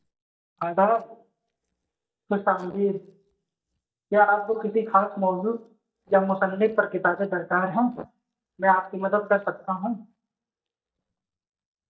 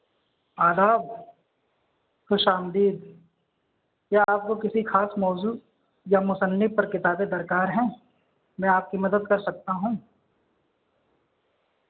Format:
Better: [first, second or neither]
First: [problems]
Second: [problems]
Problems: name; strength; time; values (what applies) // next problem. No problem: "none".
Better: second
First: noise reduction (neural mask model DeepFilterNet 3)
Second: none